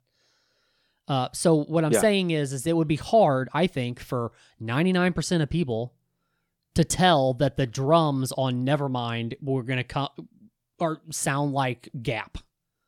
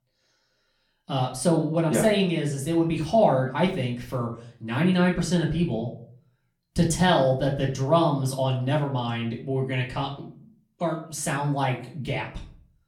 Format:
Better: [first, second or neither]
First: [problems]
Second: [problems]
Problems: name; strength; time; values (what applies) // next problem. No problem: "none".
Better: first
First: none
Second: off-mic speech; far // room echo; slight; dies away in 0.4 s